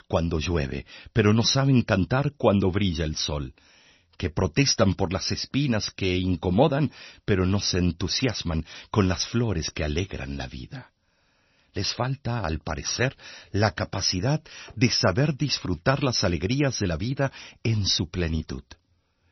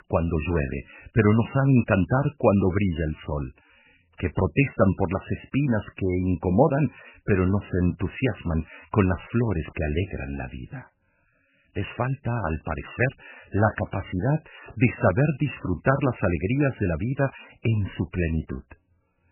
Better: first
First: garbled, watery; slightly; nothing above 6 kHz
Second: garbled, watery; badly; nothing above 3 kHz

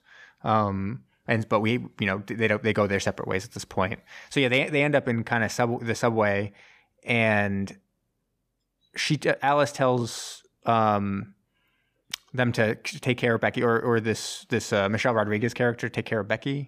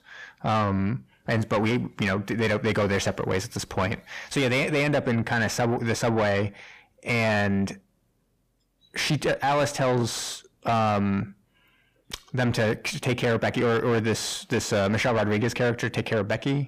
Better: first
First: none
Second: distortion; heavy; 7 dB below the speech

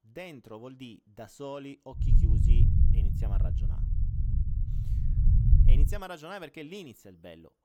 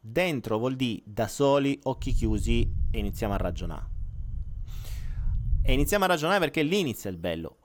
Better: second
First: low rumble; loud; from 2 to 6 s; 1 dB below the speech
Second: low rumble; faint; from 2 to 6 s; 25 dB below the speech

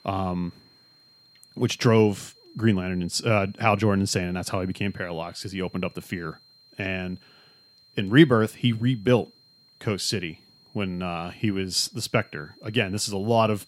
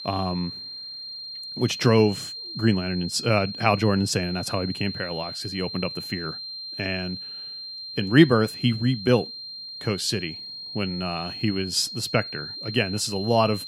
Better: first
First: high-pitched whine; faint; throughout; 4 kHz, 30 dB below the speech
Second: high-pitched whine; loud; throughout; 4 kHz, 9 dB below the speech

